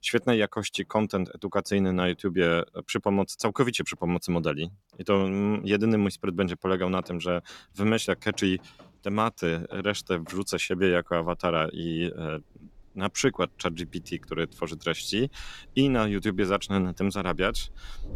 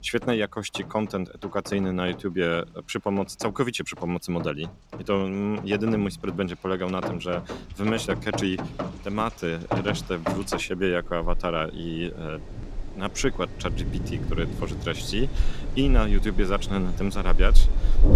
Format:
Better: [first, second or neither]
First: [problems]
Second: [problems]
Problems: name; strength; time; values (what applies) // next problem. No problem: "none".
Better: first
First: rain or running water; faint; throughout; 25 dB below the speech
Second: rain or running water; loud; throughout; 4 dB below the speech